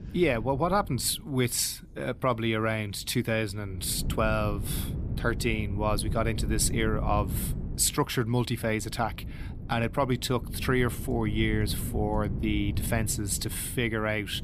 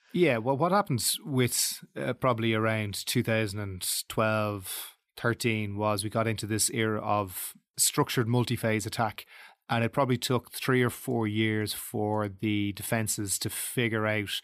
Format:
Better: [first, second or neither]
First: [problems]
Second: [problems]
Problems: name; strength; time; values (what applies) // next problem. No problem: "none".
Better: second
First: wind noise on the microphone; occasional gusts; 15 dB below the speech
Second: none